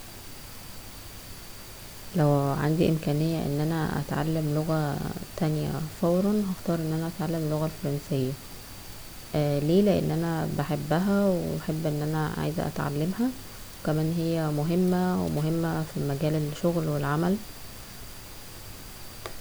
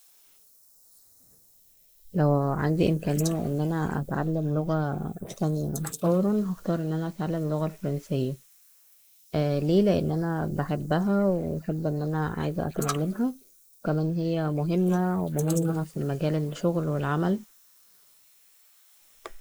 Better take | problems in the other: first | noise reduction (neural mask model Resemble Enhance denoiser)

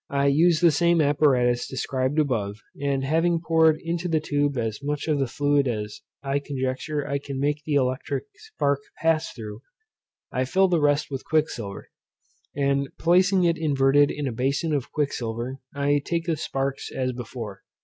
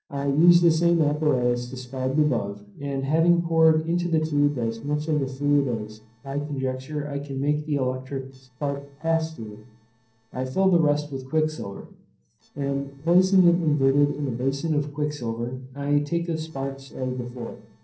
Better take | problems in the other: first | noise reduction (neural separator model SepFormer DNS4)

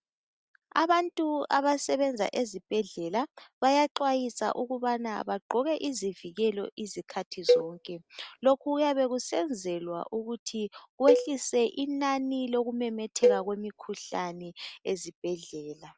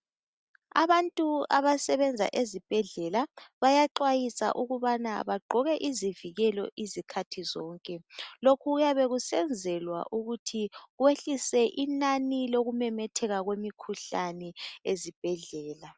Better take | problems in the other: second | background sound (Cowbell); 1 dB below the speech

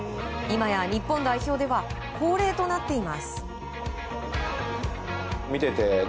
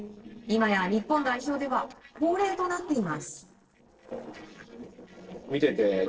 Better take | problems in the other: first | noise reduction (neural separator model SepFormer DNS4)

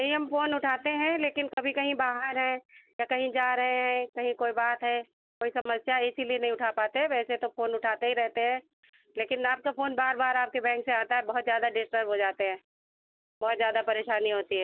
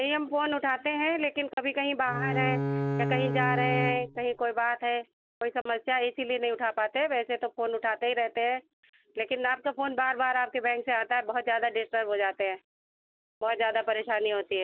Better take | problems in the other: first | background sound (Bowed string instrument); 1 dB below the speech

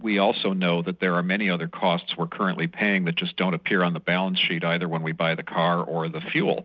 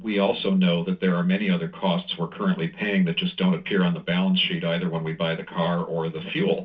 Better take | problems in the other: first | room echo; dies away in 0.2 s

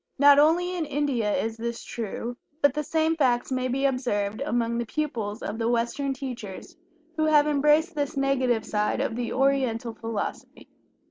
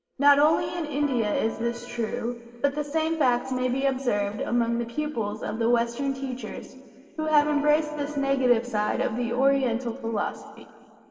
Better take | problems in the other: first | background sound (Electric guitar); 15 dB below the speech // room echo; dies away in 2.6 s

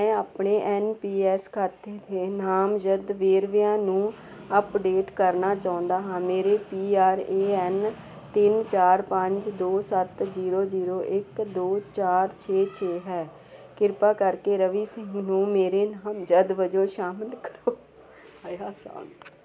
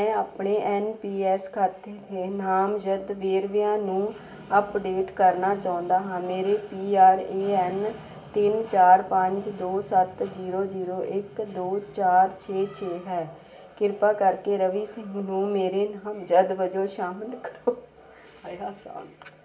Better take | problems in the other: first | room echo; dies away in 0.7 s

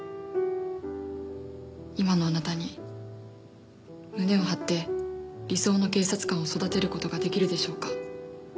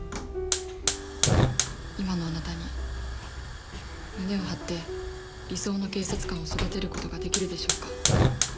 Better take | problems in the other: first | background sound (Hiss / Fire); 4 dB above the speech

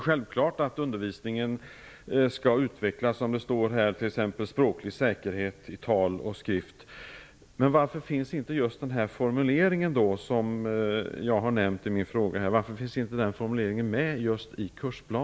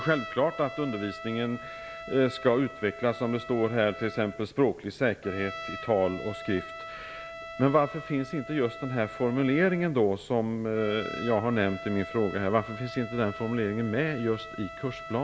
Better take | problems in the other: first | background sound (Trumpet); 13 dB below the speech

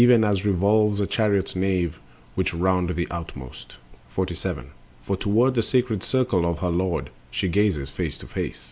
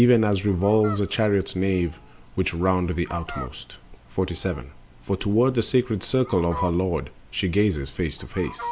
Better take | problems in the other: first | background sound (Fowl); 17 dB below the speech

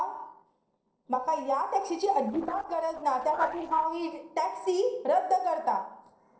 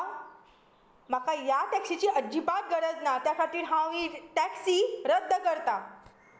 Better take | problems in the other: second | noise reduction (neural separator model SepFormer DNS4)

